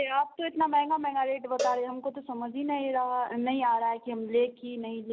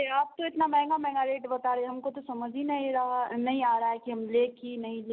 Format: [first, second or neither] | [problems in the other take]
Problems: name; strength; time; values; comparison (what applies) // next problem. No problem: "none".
second | background sound (Cowbell); 10 dB below the speech